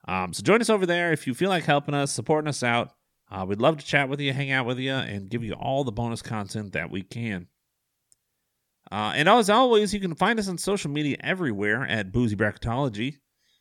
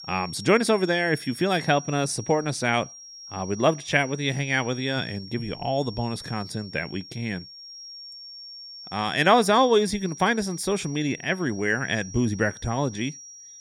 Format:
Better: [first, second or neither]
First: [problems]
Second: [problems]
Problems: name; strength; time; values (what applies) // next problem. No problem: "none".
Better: first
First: none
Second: high-pitched whine; noticeable; throughout; 5.5 kHz, 15 dB below the speech